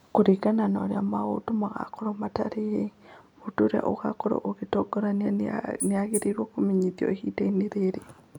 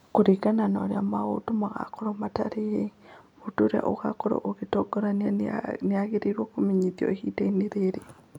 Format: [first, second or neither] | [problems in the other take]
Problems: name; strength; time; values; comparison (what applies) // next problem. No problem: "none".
second | background sound (Wild animals); 9 dB below the speech